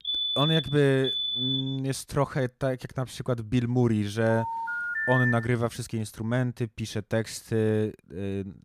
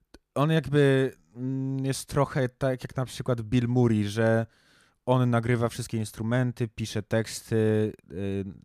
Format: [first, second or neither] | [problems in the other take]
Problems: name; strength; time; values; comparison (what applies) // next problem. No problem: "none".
second | alarm; loud; until 2 s; peak 3 dB above the speech // phone ringing; loud; from 4.5 to 5.5 s; peak 2 dB above the speech